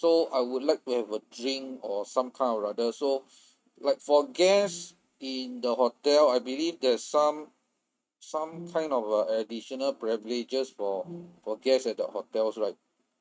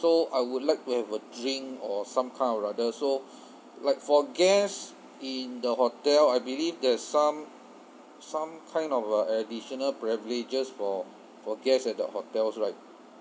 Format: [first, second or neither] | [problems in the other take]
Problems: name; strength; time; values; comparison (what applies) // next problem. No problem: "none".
second | noise reduction (neural mask model RNNoise)